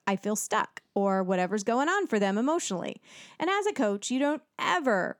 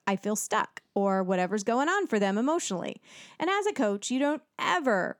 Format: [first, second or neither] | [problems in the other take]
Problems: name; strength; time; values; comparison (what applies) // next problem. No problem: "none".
neither | none